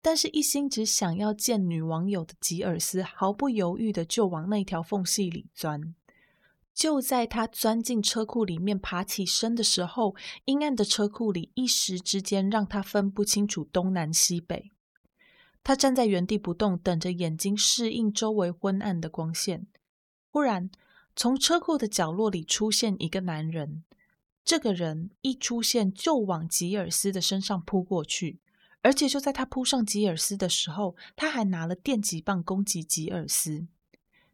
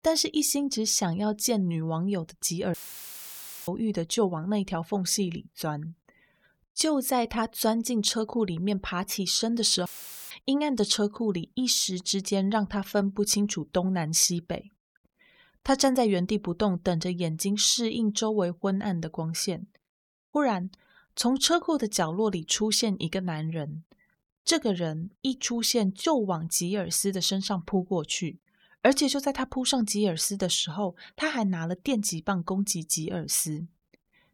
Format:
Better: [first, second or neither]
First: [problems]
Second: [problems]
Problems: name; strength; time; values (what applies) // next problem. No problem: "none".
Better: first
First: none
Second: audio cutting out; filled with static; at 2.5 s for 1 s and at 10 s